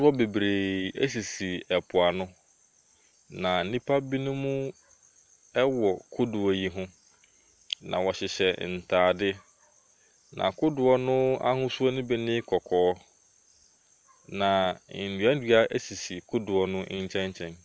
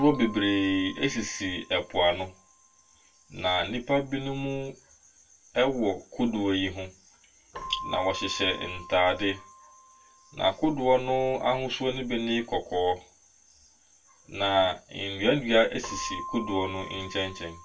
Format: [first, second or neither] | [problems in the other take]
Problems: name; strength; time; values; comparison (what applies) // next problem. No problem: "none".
first | background sound (Keyboard (musical)); 17 dB below the speech // room echo; dies away in 0.2 s